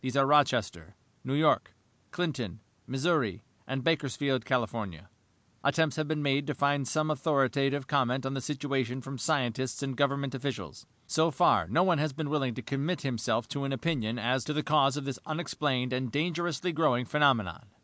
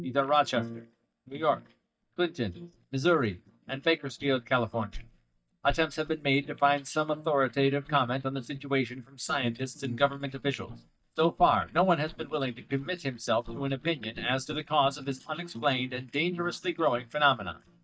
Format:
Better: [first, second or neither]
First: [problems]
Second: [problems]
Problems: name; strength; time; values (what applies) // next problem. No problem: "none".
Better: first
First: none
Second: noise reduction (neural mask model DeepFilterNet 3)